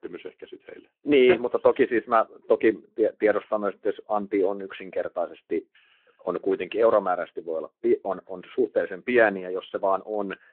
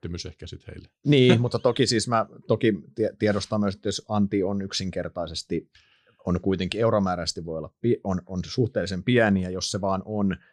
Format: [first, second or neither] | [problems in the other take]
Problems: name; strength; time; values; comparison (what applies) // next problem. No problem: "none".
second | phone-call audio